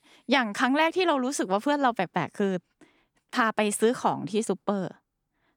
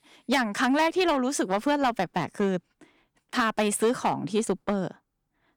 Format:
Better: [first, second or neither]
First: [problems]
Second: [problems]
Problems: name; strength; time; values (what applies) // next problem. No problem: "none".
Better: first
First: none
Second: distortion; slight; 4% of the sound clipped